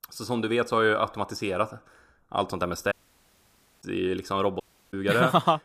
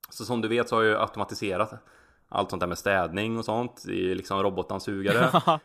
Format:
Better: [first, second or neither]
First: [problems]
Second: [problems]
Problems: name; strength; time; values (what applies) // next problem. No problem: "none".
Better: second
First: audio cutting out; at 3 s for 1 s and at 4.5 s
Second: none